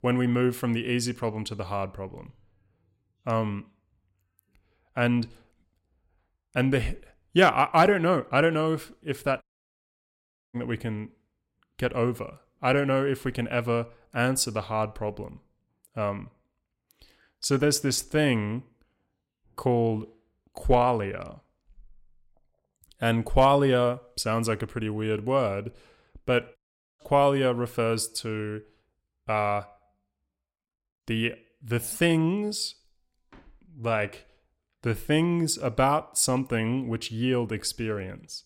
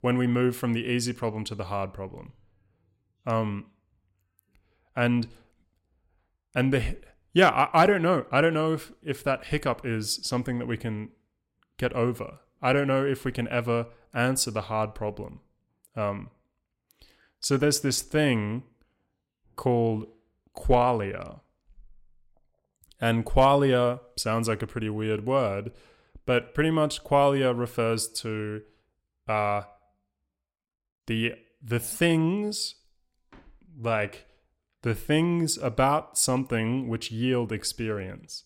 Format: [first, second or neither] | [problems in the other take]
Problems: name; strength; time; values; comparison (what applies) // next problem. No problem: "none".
second | audio cutting out; at 9.5 s for 1 s and at 27 s